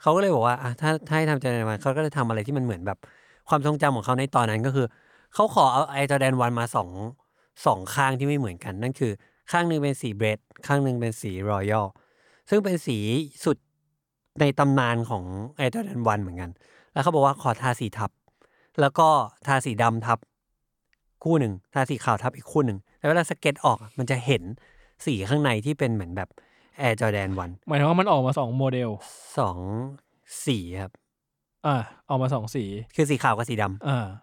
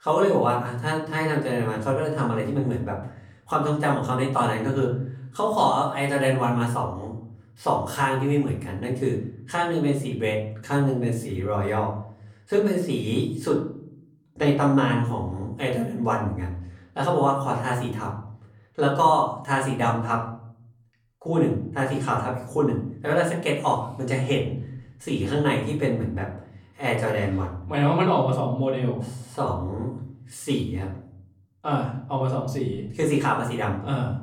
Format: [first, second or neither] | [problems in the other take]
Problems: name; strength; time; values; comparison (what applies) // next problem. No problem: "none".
first | off-mic speech; far // room echo; slight; dies away in 0.6 s